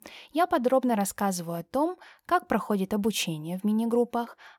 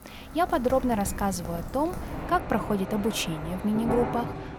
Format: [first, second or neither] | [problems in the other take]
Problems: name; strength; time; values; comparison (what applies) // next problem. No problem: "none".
first | rain or running water; loud; throughout; 7 dB below the speech